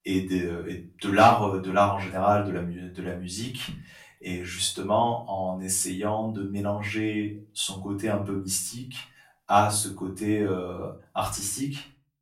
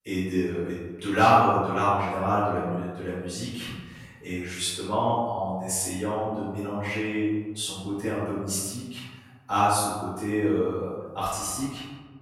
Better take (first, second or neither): first